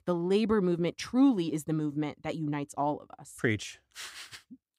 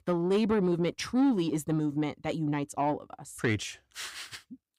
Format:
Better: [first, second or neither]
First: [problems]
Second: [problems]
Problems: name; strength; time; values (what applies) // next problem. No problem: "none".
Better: first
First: none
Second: distortion; slight; 10 dB below the speech